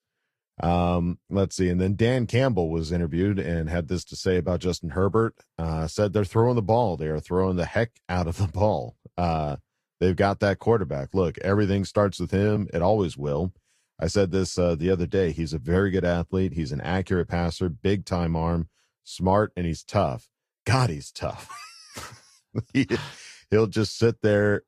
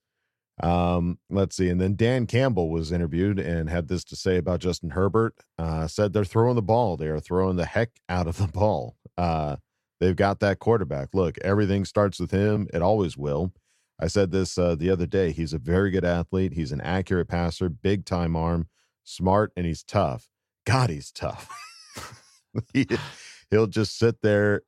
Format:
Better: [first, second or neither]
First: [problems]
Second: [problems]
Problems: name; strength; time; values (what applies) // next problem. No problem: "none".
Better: second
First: garbled, watery; slightly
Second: none